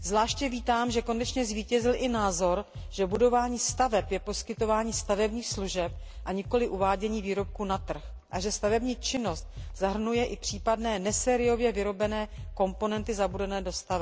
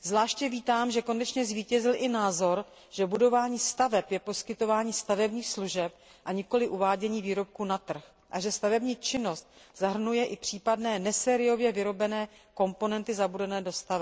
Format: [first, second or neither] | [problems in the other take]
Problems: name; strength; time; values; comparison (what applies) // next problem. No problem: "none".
second | background sound (Bass drum); 12 dB below the speech